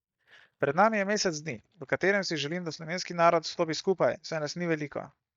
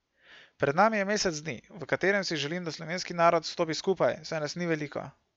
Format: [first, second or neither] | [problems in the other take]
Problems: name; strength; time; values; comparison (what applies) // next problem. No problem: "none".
second | noise reduction (neural mask model DeepFilterNet 3)